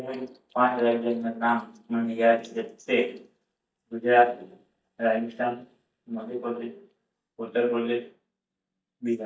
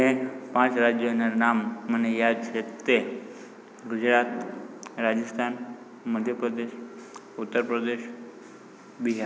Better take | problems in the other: second | noise reduction (neural mask model DeepFilterNet 3)

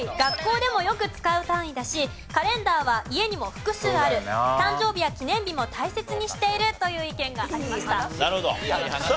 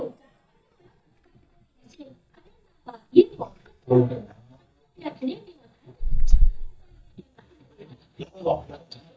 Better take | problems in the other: first | noise reduction (neural mask model DeepFilterNet 3)

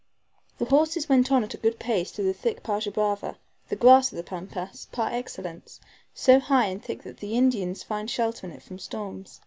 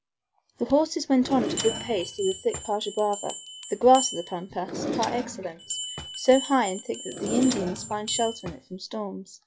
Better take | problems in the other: first | noise reduction (classical method log-MMSE)

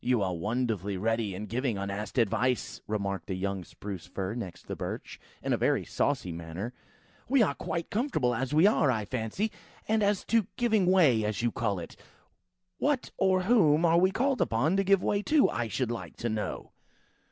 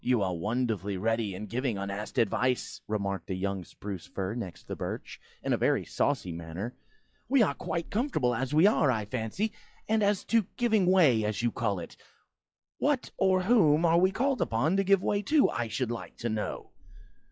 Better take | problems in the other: first | noise reduction (classical method log-MMSE)

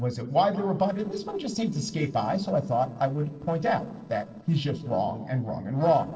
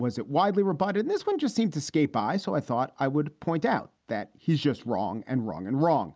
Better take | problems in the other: second | noise reduction (neural separator model SepFormer DNS4)

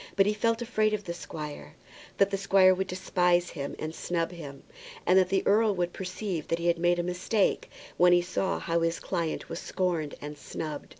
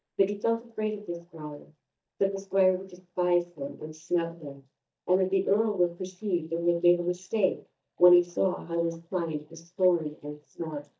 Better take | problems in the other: first | noise reduction (neural mask model DeepFilterNet 3)

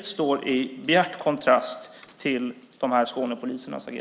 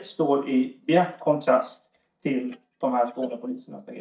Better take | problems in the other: first | noise reduction (neural mask model DeepFilterNet 3)

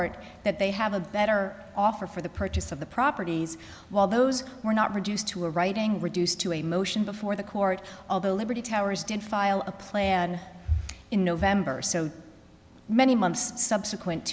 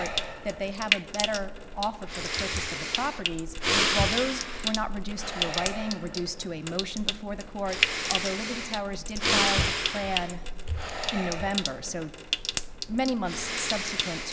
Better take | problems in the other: first | background sound (Breathing + Trickle, dribble / Sink (filling or washing) / Water tap, faucet); 3 dB above the speech

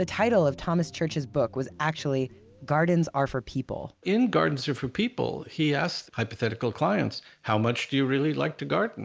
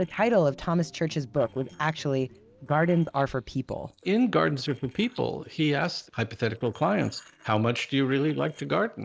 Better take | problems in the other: first | noise reduction (neural separator model SepFormer DNS4)

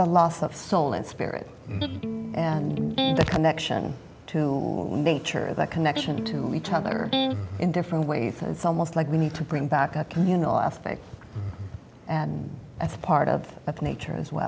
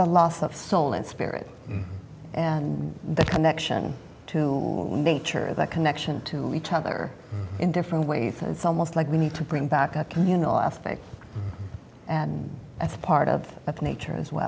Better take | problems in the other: second | background sound (Electric guitar); 4 dB below the speech

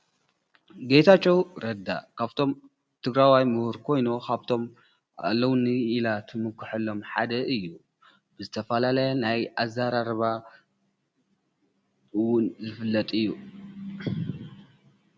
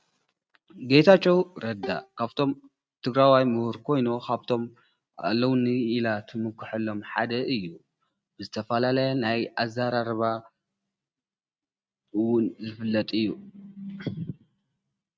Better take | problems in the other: first | noise reduction (neural mask model RNNoise)

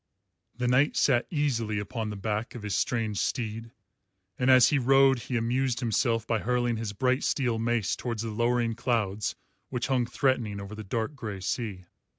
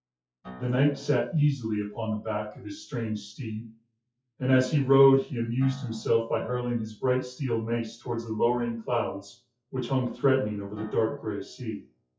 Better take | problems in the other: first | noise reduction (classical method WPE with log-MMSE)

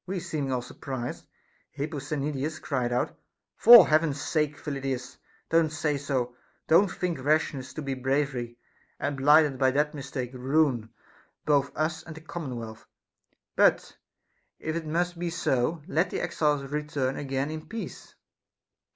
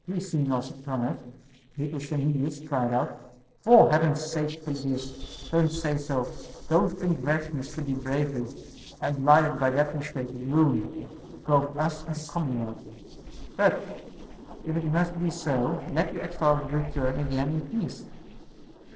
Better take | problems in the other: first | noise reduction (neural separator model SepFormer DNS4)

